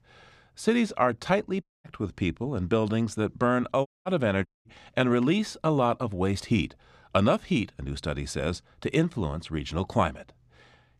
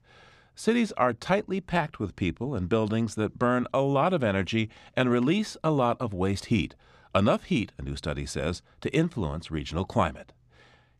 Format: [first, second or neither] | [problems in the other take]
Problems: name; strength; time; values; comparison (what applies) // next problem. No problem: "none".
second | audio cutting out; at 1.5 s, at 4 s and at 4.5 s